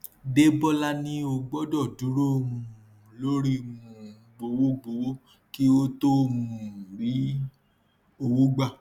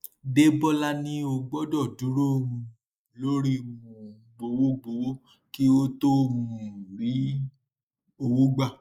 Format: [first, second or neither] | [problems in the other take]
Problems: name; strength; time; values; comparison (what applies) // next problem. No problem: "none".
first | noise reduction (neural mask model Resemble Enhance denoiser)